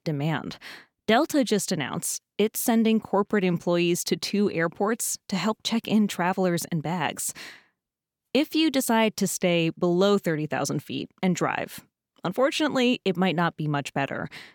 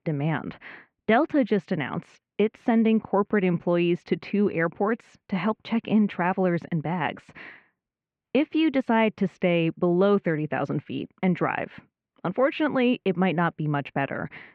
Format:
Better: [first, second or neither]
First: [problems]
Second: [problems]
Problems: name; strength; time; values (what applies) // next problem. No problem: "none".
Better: first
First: none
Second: muffled; very; fading above 2.5 kHz